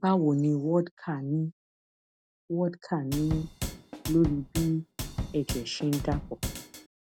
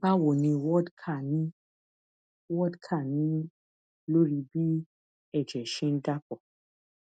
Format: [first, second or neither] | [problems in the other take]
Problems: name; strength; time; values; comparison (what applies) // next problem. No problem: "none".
second | background sound (Drum / Drum kit); 6 dB below the speech